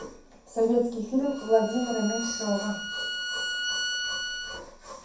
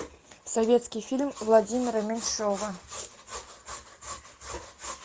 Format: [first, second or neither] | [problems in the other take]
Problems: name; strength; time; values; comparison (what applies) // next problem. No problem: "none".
second | background sound (Bowed string instrument); 6 dB below the speech // room echo; dies away in 0.6 s